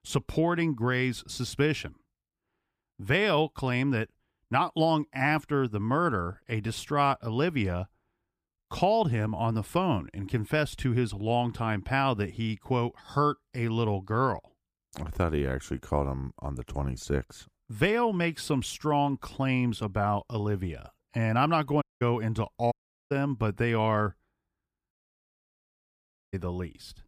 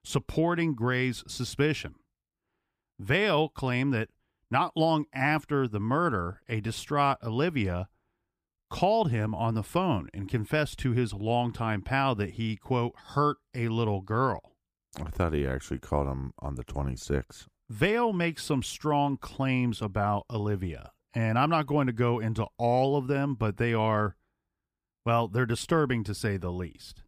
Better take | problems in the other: second | audio cutting out; at 22 s, at 23 s and at 25 s for 1.5 s

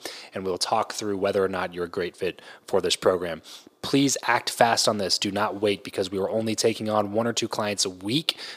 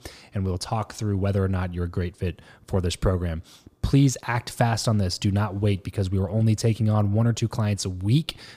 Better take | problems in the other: second | thin; somewhat; fading below 400 Hz

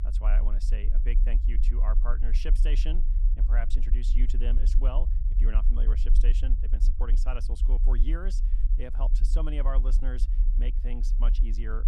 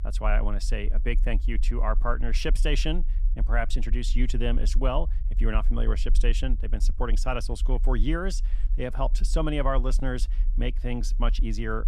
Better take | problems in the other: second | low rumble; loud; throughout; 9 dB below the speech; faint in the second

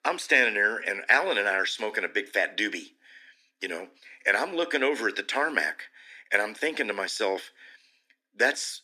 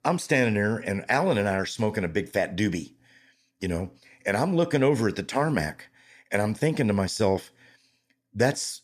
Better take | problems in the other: second | thin; very; fading below 300 Hz

